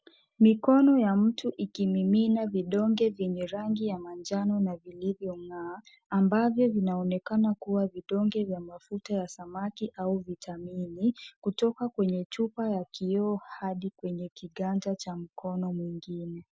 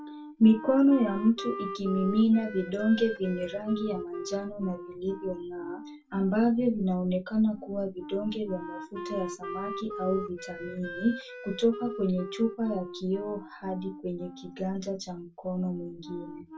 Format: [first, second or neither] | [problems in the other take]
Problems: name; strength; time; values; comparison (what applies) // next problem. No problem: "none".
first | background sound (Wind instrument, woodwind instrument); 12 dB below the speech // room echo; dies away in 0.2 s